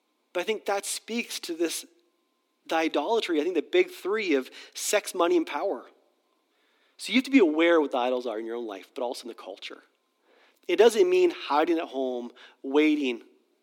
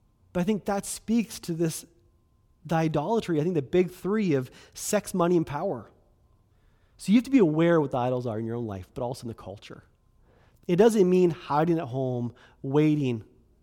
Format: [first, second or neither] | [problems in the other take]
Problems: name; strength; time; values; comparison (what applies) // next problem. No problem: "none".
second | thin; very slightly; fading below 250 Hz